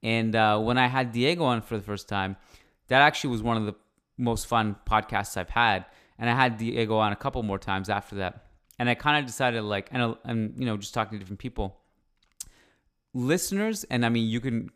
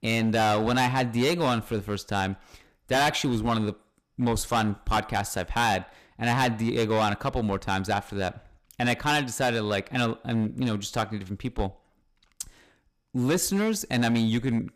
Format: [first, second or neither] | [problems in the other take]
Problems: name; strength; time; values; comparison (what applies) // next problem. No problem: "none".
first | distortion; heavy; 8% of the sound clipped